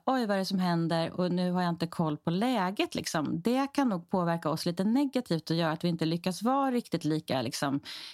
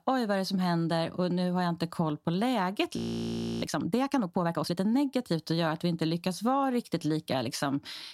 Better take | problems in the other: first | audio freezing; at 3 s for 0.5 s

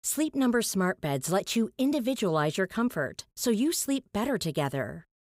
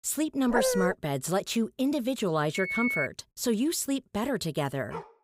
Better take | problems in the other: first | dog barking; loud; at 0.5 s; peak 2 dB above the speech // phone ringing; loud; at 2.5 s; peak 1 dB above the speech // dog barking; very faint; at 5 s; peak 15 dB below the speech

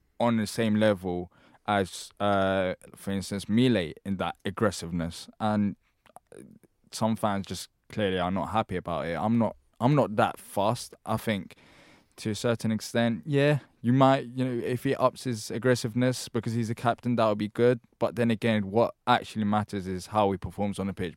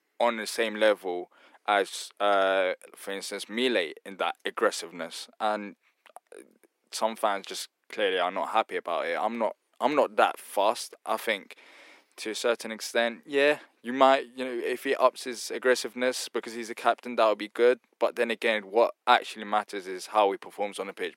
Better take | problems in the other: first | thin; somewhat; fading below 350 Hz

